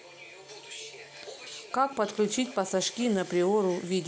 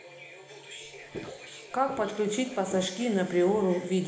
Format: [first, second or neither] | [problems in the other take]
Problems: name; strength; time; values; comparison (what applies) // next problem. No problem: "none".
first | background sound (Walk, footsteps); 17 dB below the speech // room echo; dies away in 1.1 s